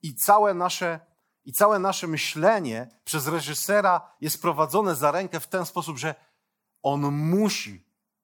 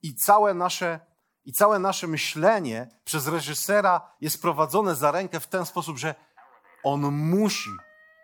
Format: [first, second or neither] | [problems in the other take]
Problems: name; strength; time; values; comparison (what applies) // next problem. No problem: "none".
first | alarms or sirens; faint; throughout; 25 dB below the speech